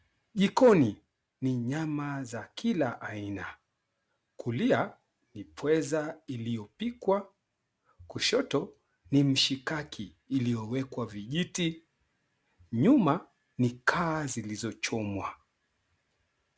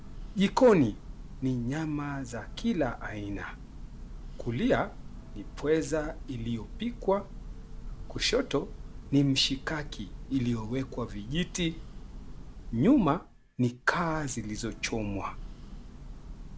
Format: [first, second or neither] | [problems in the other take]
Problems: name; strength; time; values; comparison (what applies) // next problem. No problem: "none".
first | background sound (Church bell); 11 dB below the speech